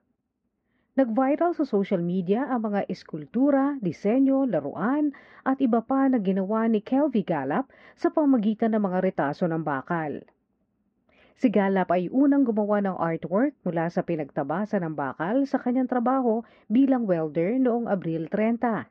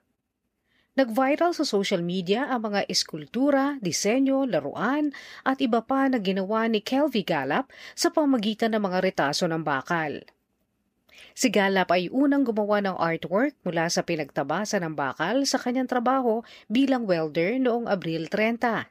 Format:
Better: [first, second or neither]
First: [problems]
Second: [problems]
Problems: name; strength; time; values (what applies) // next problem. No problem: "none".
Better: second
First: muffled; very; fading above 1.5 kHz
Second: none